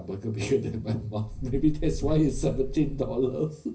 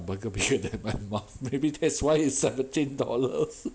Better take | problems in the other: second | background sound (Wind); 5 dB below the speech // room echo; dies away in 0.4 s

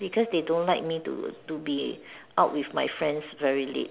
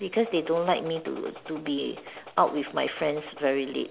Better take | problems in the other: first | background sound (Gunshot, gunfire); 18 dB below the speech

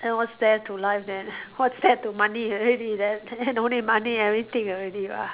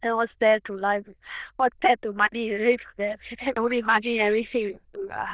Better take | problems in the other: first | noise reduction (neural diffusion model UNIVERSE++)

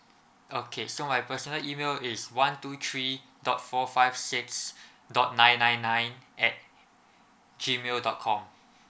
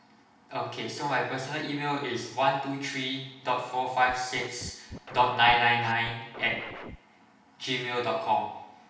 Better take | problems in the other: first | background sound (Scratching (performance technique)); 15 dB below the speech // room echo; dies away in 0.8 s

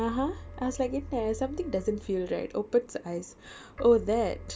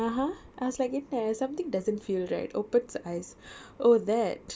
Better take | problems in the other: second | background sound (Keyboard (musical)); 15 dB below the speech

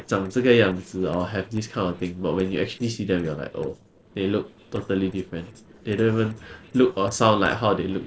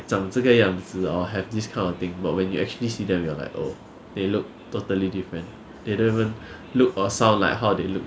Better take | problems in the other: second | noise reduction (neural separator model SepFormer DNS4)

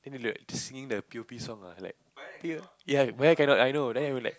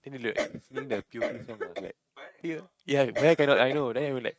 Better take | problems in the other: first | noise reduction (neural mask model RNNoise)

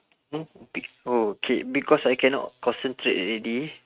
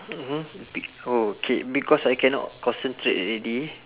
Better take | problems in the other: second | noise reduction (neural mask model RNNoise)

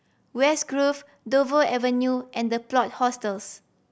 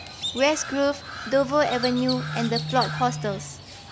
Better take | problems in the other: first | background sound (Crow); 7 dB below the speech

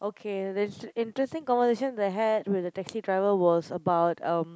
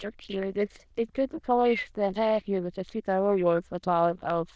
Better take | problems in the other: first | noise reduction (neural diffusion model UNIVERSE++)

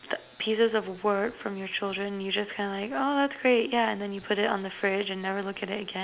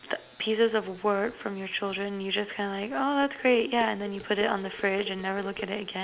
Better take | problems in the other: first | background sound (Dishes, pots, and pans); 15 dB below the speech

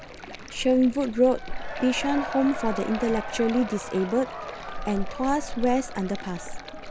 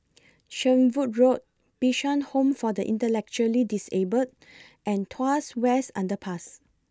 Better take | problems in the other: second | background sound (Stream + Crowd / Cheering); 7 dB below the speech

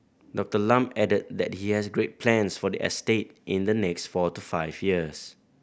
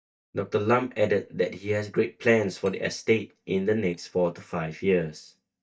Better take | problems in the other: first | noise reduction (neural mask model DeepFilterNet 3)

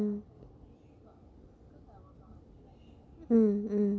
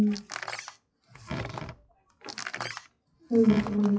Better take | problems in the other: first | noise reduction (classical method WPE with log-MMSE)

